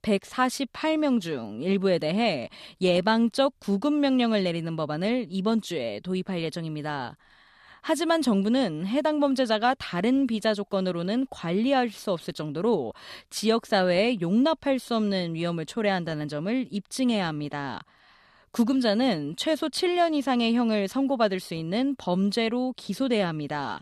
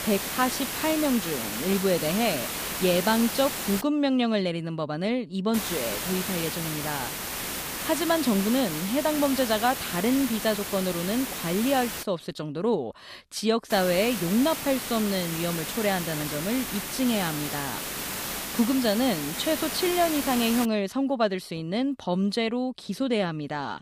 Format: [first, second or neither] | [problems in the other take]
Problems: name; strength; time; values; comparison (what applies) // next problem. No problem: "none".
first | hiss; loud; until 4 s, from 5.5 to 12 s and from 14 to 21 s; 4 dB below the speech